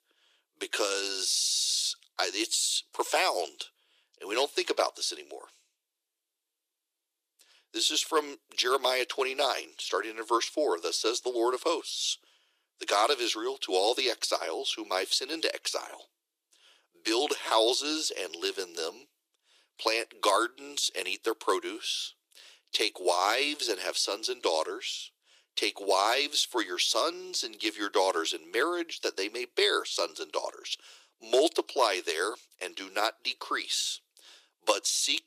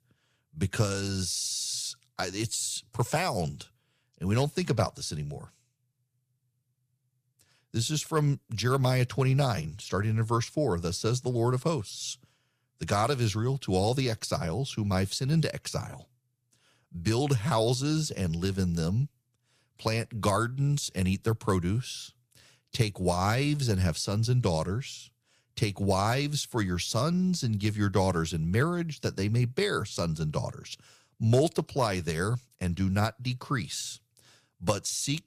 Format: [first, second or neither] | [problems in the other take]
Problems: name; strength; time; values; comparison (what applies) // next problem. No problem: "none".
second | thin; very; fading below 350 Hz